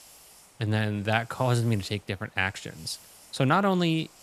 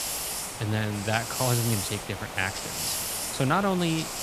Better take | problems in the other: first | hiss; loud; throughout; 3 dB below the speech; faint in the first

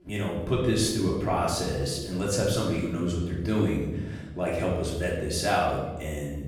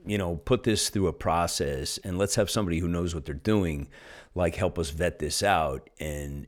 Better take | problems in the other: second | room echo; noticeable; dies away in 1.1 s // off-mic speech; far

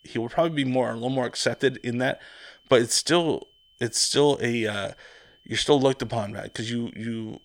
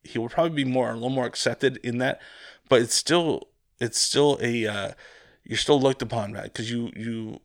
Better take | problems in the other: second | high-pitched whine; faint; throughout; 3 kHz, 35 dB below the speech

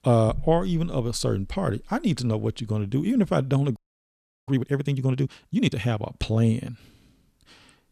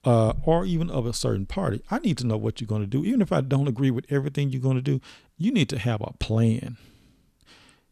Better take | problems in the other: second | audio freezing; at 4 s for 0.5 s

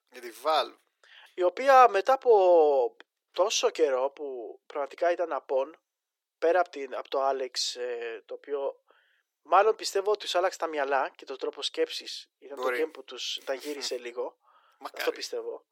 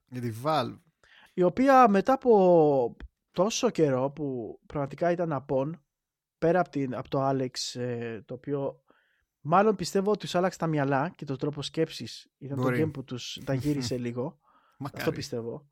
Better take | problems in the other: second | thin; very; fading below 400 Hz

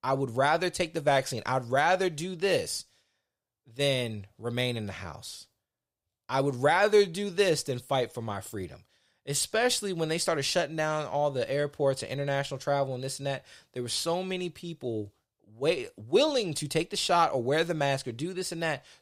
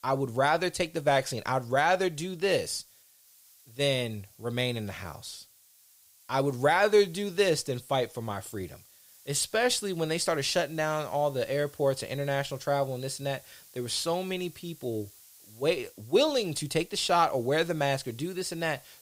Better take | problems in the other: first | hiss; faint; throughout; 25 dB below the speech

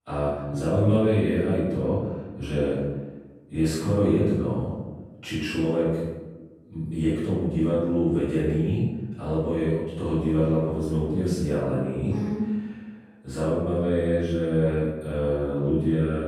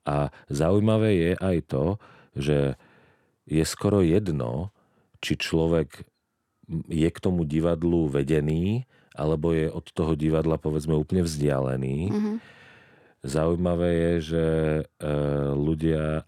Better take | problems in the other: second | off-mic speech; far // room echo; strong; dies away in 1 s

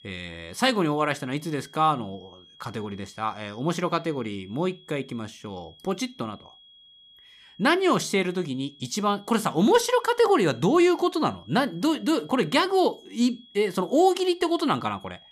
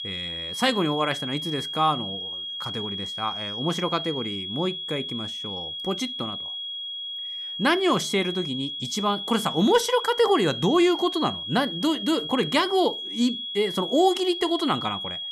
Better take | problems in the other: first | high-pitched whine; loud; throughout; 3.5 kHz, 6 dB below the speech; faint in the first

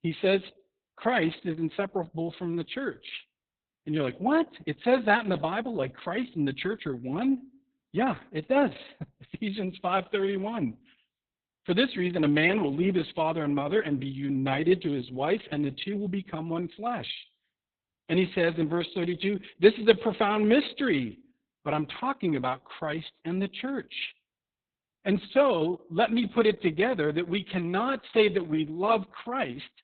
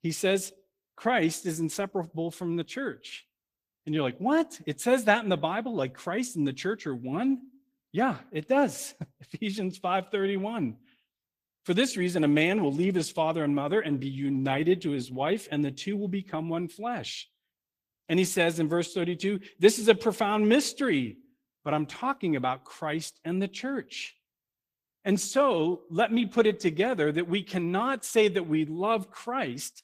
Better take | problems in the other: second | garbled, watery; badly; nothing above 4 kHz; slightly in the second

